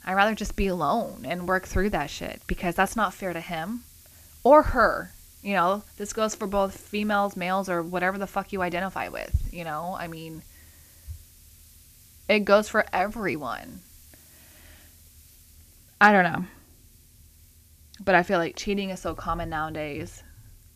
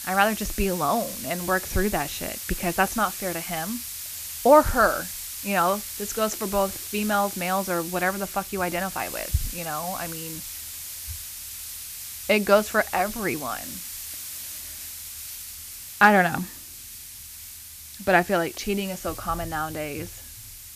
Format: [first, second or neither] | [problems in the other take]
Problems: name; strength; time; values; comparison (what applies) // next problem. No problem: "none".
first | hiss; loud; throughout; 9 dB below the speech; faint in the first